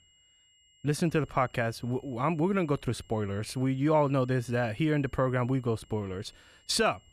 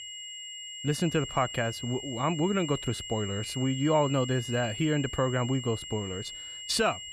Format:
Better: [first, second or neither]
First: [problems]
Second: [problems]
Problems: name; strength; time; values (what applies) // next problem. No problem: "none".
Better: first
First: high-pitched whine; faint; throughout; 3 kHz, 30 dB below the speech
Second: high-pitched whine; loud; throughout; 3 kHz, 8 dB below the speech